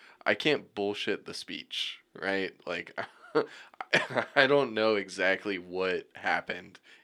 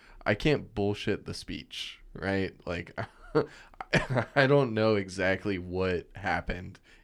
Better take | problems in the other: second | thin; somewhat; fading below 300 Hz

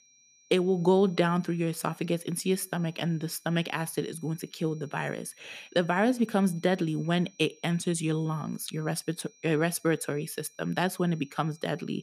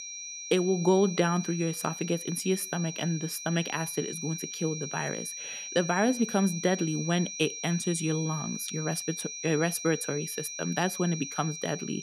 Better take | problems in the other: first | high-pitched whine; loud; throughout; 6 kHz, 7 dB below the speech; faint in the first

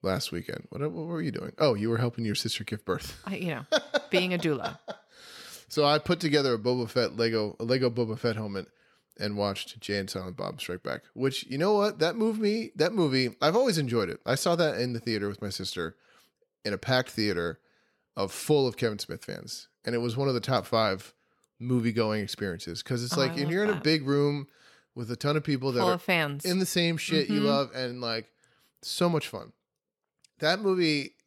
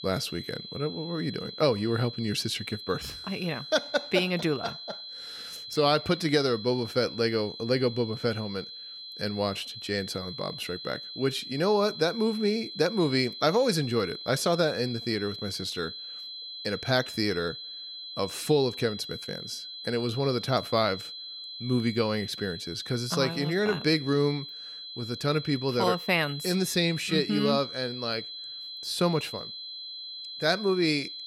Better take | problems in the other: first | high-pitched whine; loud; throughout; 4 kHz, 10 dB below the speech

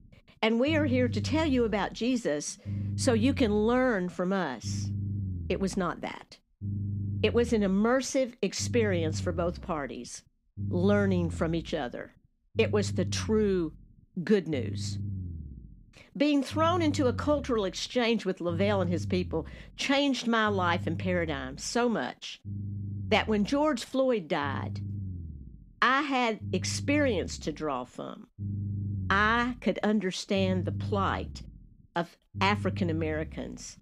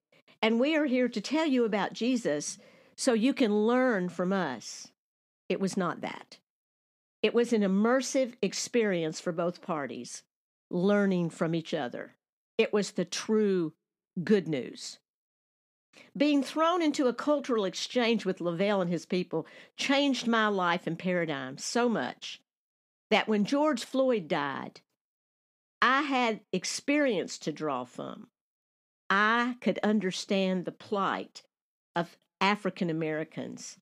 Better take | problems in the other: second | low rumble; noticeable; throughout; 20 dB below the speech

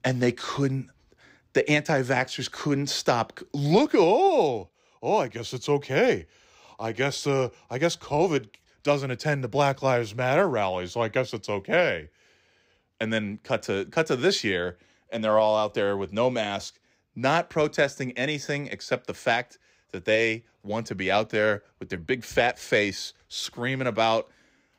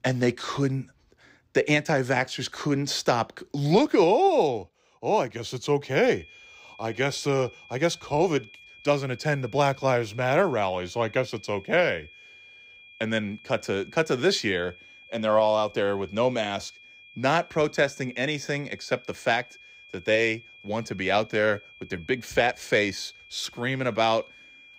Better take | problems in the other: first | high-pitched whine; faint; from 6 s on; 2.5 kHz, 20 dB below the speech

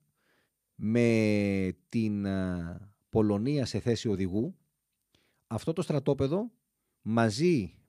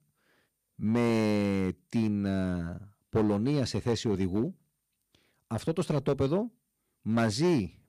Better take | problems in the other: first | distortion; slight; 4% of the sound clipped

